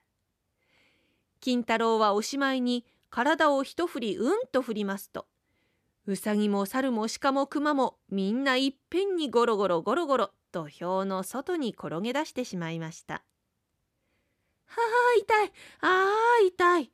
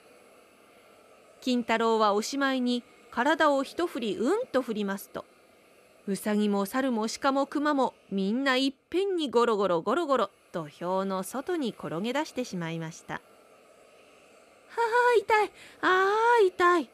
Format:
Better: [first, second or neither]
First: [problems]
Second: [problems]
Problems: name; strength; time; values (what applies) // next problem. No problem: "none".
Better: first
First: none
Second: hiss; faint; throughout; 30 dB below the speech